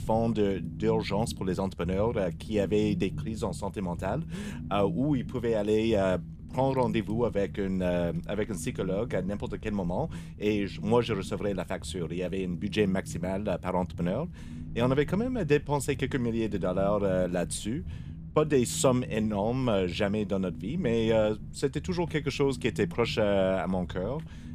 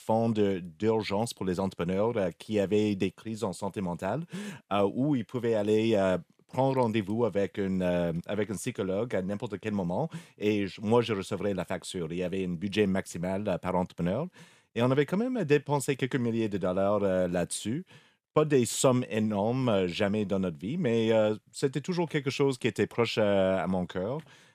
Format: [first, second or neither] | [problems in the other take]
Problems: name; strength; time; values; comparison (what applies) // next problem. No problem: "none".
second | low rumble; noticeable; throughout; 20 dB below the speech